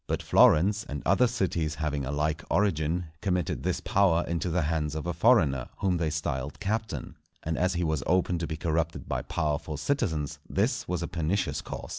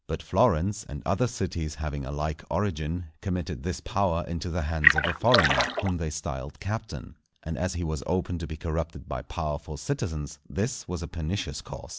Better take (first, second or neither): first